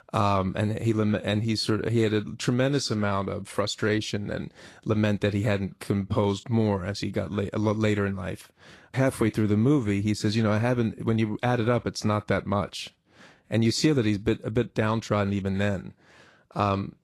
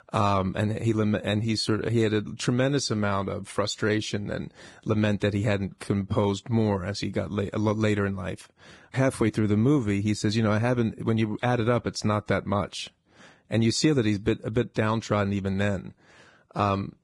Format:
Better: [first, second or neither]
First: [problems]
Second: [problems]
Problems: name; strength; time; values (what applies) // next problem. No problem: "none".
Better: first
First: garbled, watery; slightly; nothing above 13.5 kHz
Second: garbled, watery; badly; nothing above 10.5 kHz